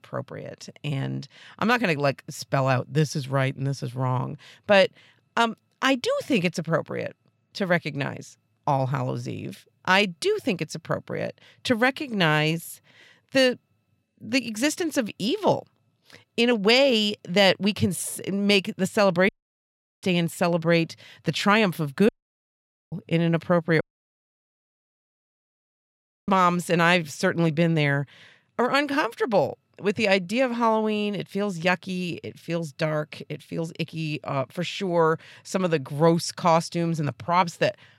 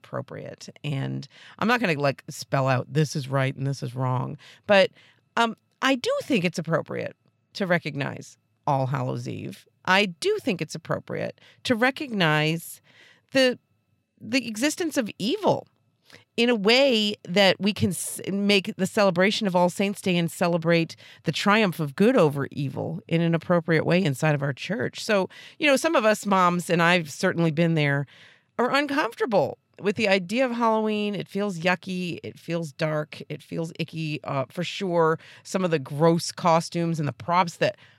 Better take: second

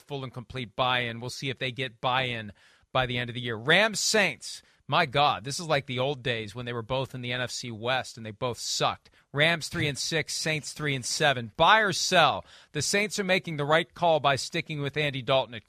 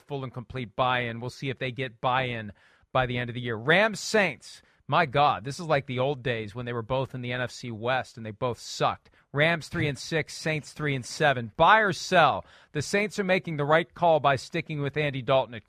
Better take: first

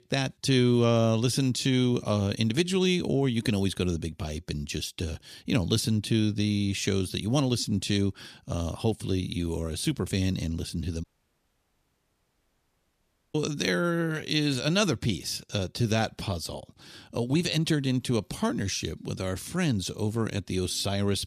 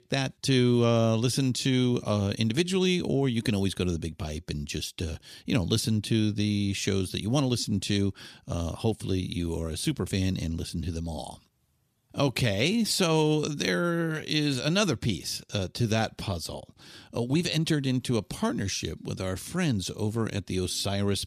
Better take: second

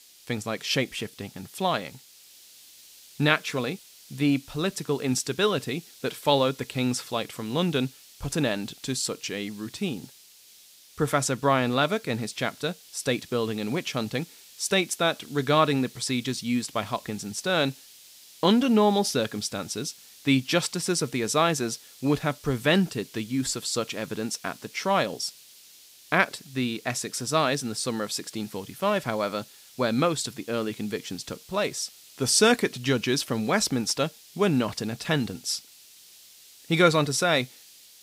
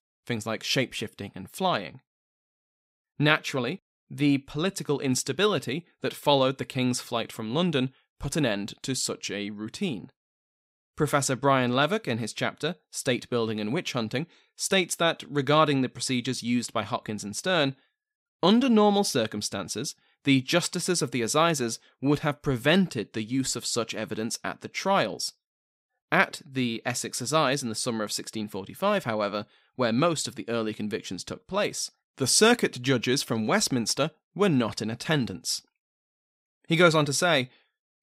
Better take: second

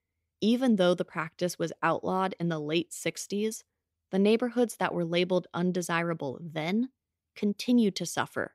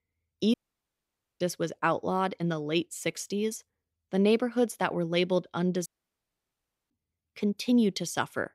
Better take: first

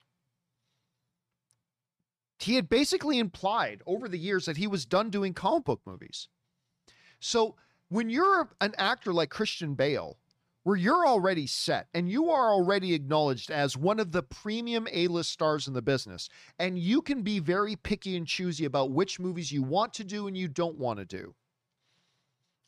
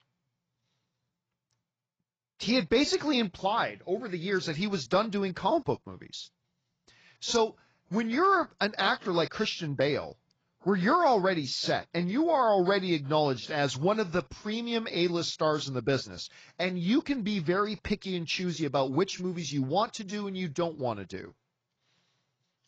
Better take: first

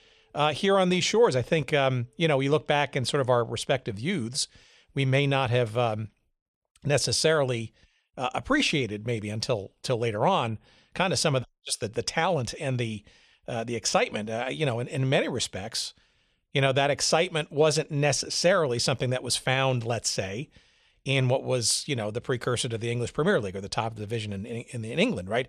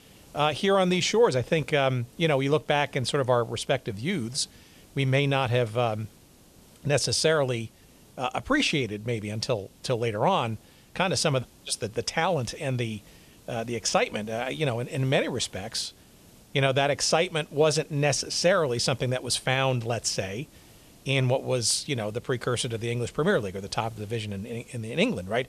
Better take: first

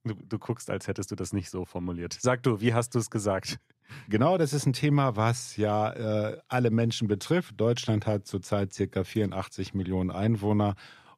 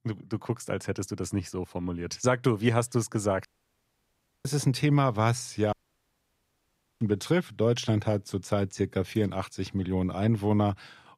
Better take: first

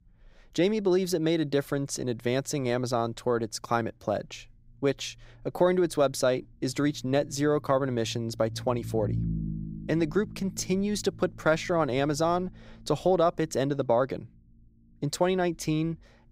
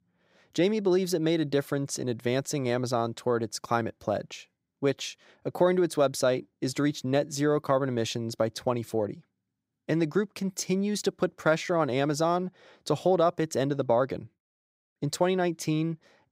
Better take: second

